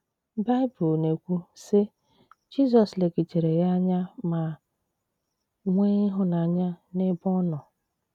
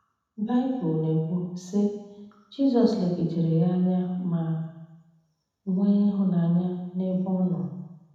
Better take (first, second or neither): first